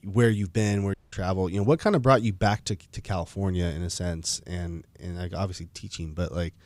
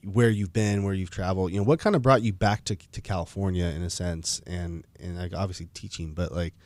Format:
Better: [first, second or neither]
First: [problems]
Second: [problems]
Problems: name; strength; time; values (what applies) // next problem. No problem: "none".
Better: second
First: audio cutting out; at 1 s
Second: none